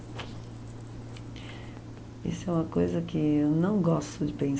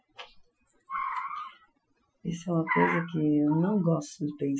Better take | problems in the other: first | noise reduction (classical method Wiener filter)

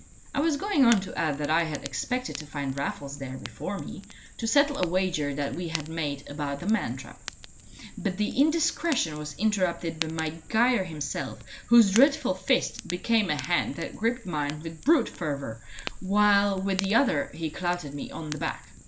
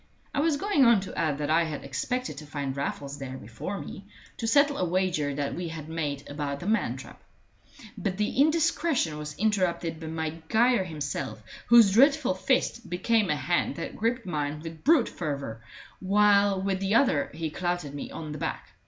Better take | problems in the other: second | background sound (Fire); 15 dB below the speech

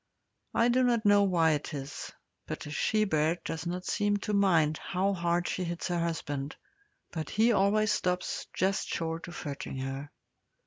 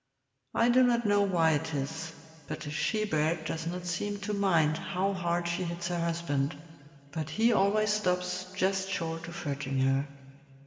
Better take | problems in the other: first | room echo; dies away in 2.3 s

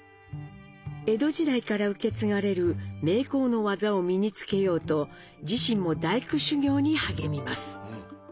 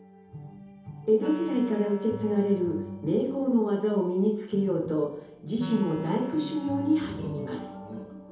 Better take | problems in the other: first | background sound (Wind instrument, woodwind instrument); 16 dB below the speech // room echo; dies away in 0.8 s

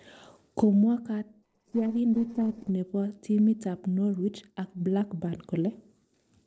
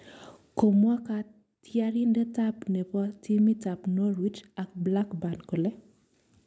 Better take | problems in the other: second | noise reduction (neural separator model SepFormer DNS4)

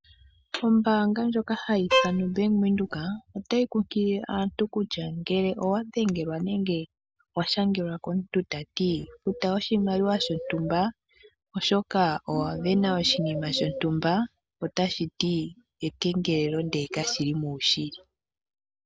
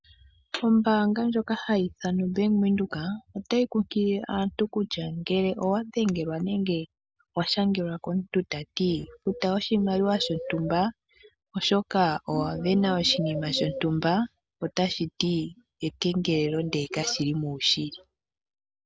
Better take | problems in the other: second | background sound (Bowed string instrument); 2 dB below the speech

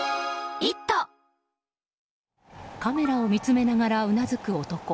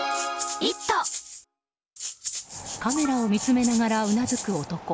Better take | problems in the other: first | background sound (Rattle (instrument)); 9 dB below the speech

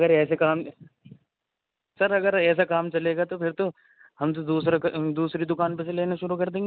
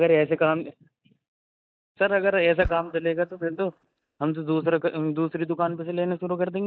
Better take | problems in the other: first | noise reduction (neural mask model DeepFilterNet 3)

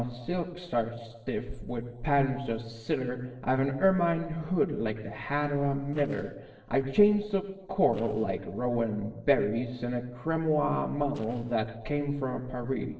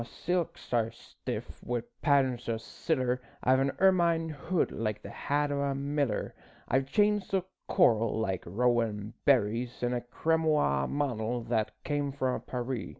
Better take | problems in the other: second | noise reduction (neural separator model SepFormer DNS4)

